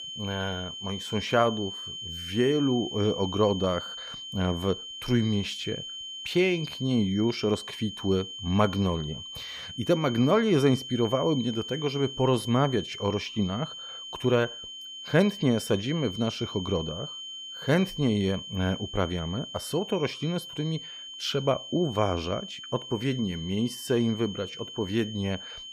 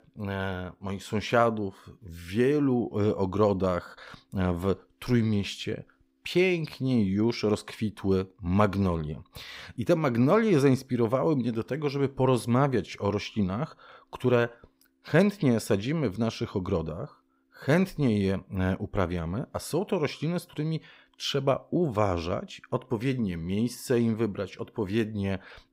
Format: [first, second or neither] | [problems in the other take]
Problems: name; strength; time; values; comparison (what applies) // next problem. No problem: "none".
second | high-pitched whine; loud; throughout; 3 kHz, 9 dB below the speech